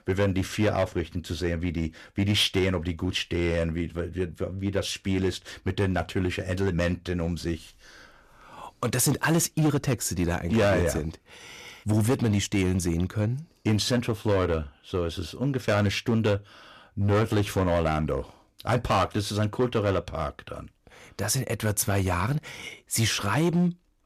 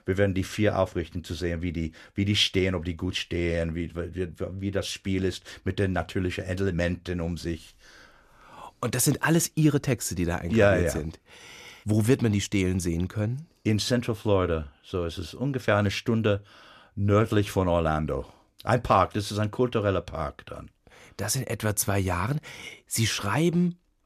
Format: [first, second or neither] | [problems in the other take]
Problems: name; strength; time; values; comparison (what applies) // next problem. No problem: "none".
second | distortion; slight; 6% of the sound clipped